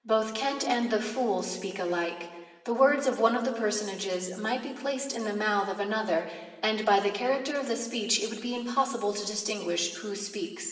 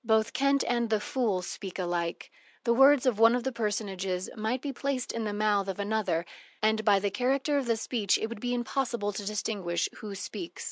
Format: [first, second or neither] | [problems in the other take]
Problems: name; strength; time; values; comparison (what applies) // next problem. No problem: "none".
second | room echo; dies away in 1.2 s